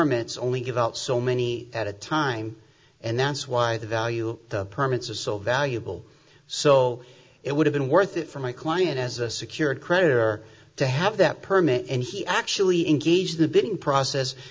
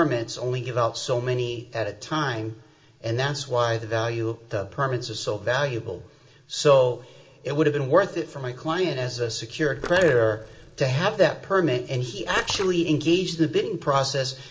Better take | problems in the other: first | background sound (Splash, splatter); 15 dB below the speech // room echo; dies away in 0.5 s

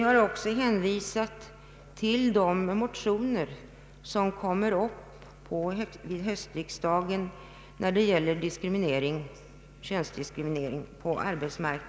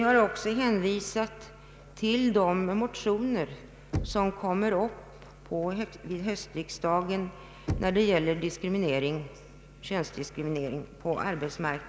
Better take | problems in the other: first | background sound (Knock); 11 dB below the speech

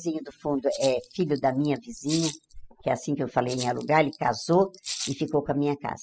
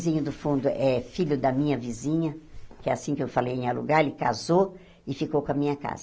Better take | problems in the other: second | noise reduction (classical method spectral subtraction)

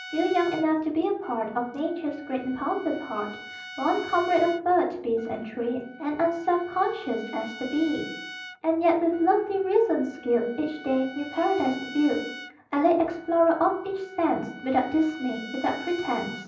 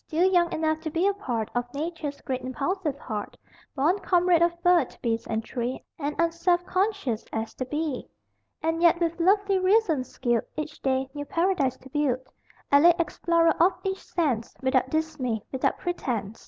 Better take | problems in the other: second | background sound (Trumpet); 17 dB below the speech // room echo; dies away in 0.6 s

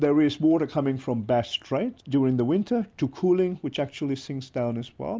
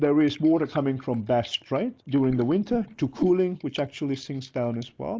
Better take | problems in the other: first | noise reduction (neural mask model Resemble Enhance denoiser)

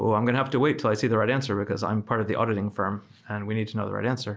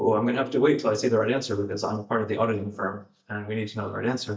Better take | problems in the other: first | noise reduction (neural mask model DeepFilterNet 3)

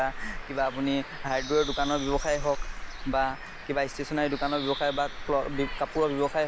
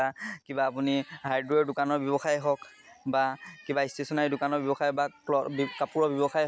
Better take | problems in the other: second | background sound (Bird); 7 dB below the speech

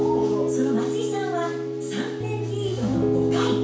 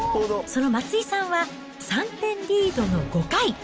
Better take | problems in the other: second | background sound (Piano); 5 dB above the speech // room echo; dies away in 0.7 s

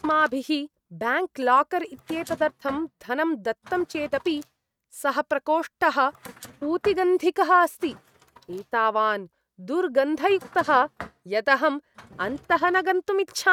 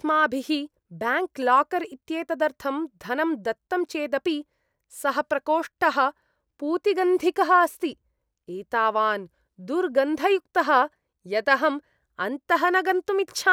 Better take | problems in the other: second | noise reduction (neural mask model RNNoise)

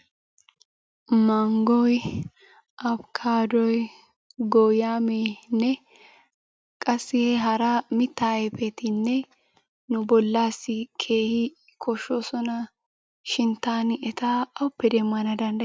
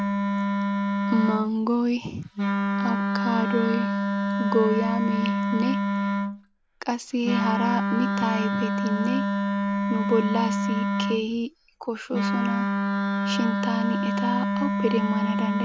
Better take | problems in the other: first | background sound (Wind instrument, woodwind instrument); 2 dB above the speech

